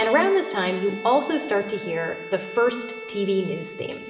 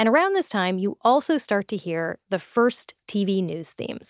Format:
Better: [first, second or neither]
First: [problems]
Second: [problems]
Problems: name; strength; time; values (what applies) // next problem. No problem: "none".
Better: second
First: background sound (Bowed string instrument); 12 dB below the speech // room echo; dies away in 2.5 s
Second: none